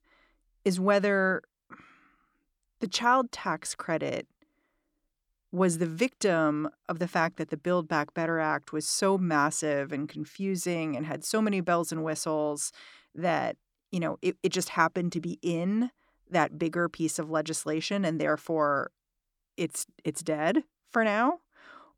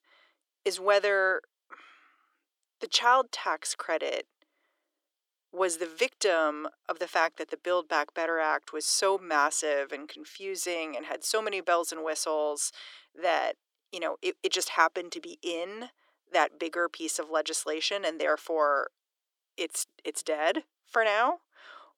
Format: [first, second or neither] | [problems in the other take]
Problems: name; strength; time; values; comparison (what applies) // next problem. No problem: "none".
first | thin; very; fading below 400 Hz